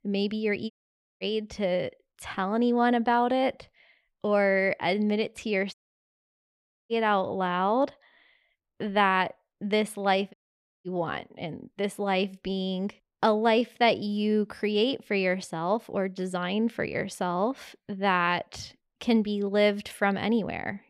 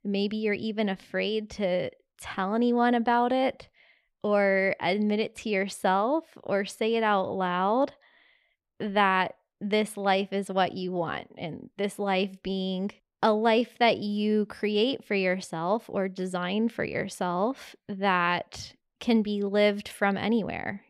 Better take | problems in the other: second | audio cutting out; at 0.5 s for 0.5 s, at 5.5 s for 1 s and at 10 s for 0.5 s

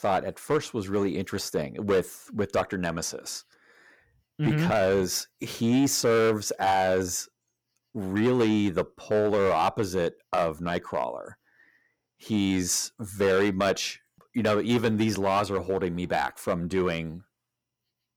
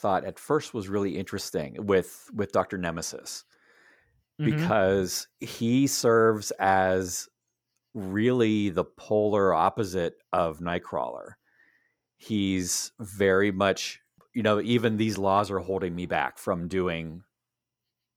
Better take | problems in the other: second | distortion; slight; 5% of the sound clipped

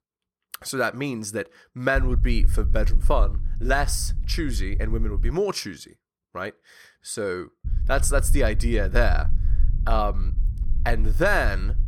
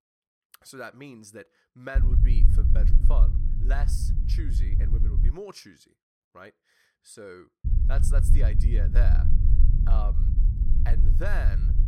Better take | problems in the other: first | low rumble; loud; from 2 to 5.5 s and from 7.5 s on; 4 dB below the speech; faint in the first

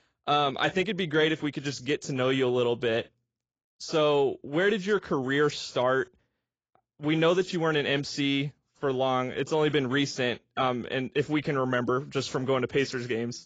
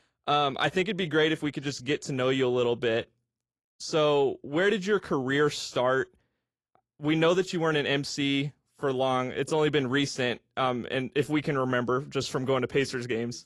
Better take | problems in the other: second | garbled, watery; badly; nothing above 7.5 kHz; slightly in the second

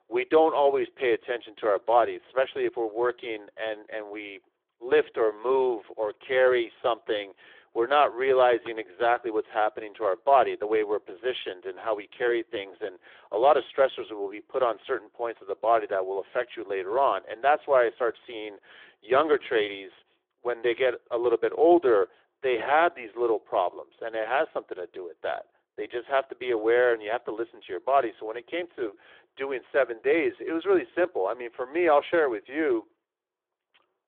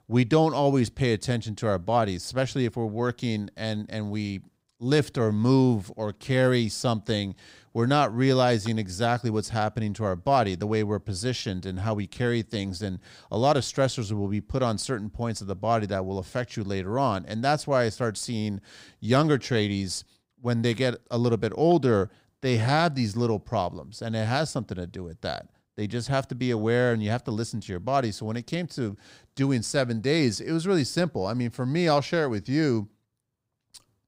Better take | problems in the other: second | phone-call audio; nothing above 3.5 kHz

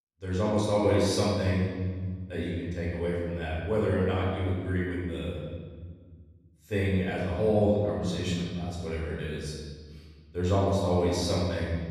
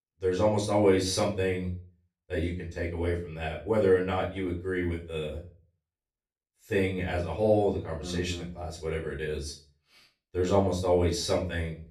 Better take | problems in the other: second | room echo; strong; dies away in 1.6 s; slight in the second // off-mic speech; far; far in the second

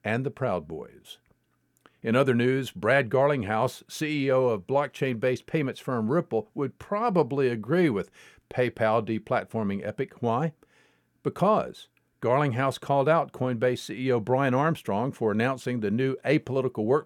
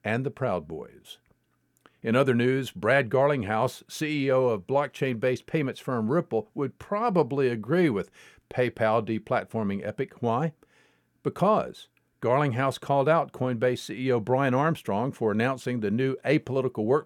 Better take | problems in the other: neither | none

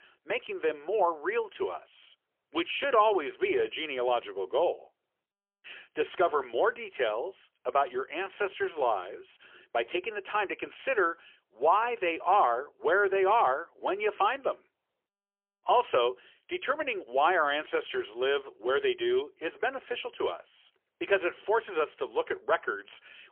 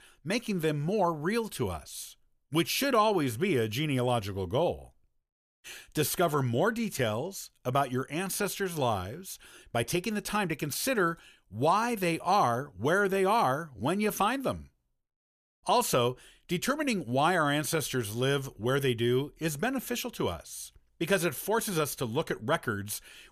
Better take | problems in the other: second | phone-call audio; poor line; nothing above 3.5 kHz

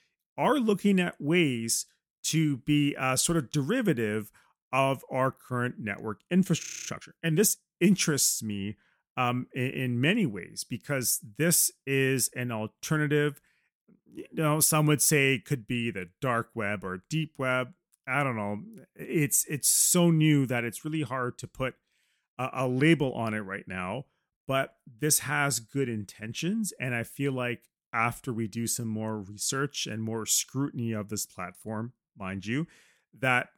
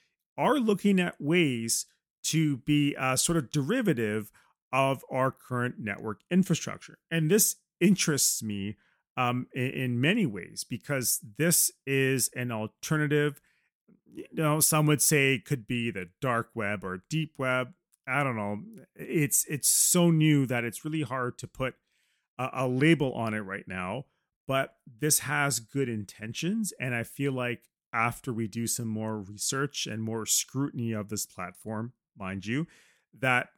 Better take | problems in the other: second | audio freezing; at 6.5 s

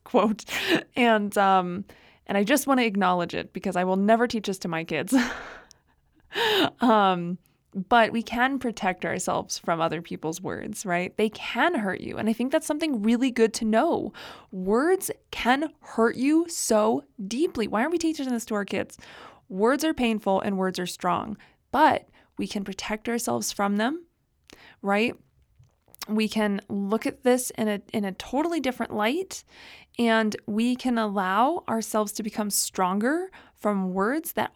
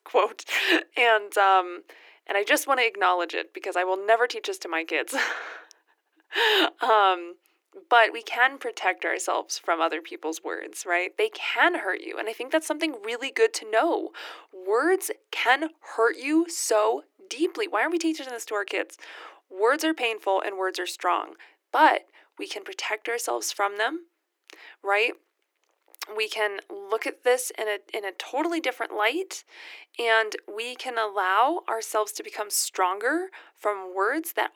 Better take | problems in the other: first | thin; very; fading below 300 Hz

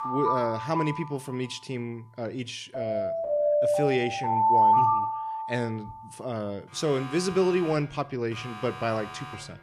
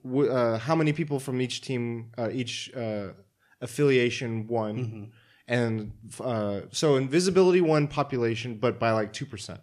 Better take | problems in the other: second | alarms or sirens; very loud; throughout; 4 dB above the speech

